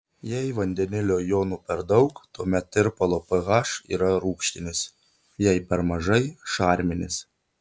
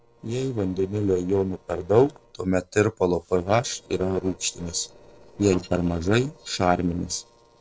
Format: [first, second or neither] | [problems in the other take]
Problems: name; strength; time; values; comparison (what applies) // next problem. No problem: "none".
first | noise reduction (neural separator model SepFormer DNS4)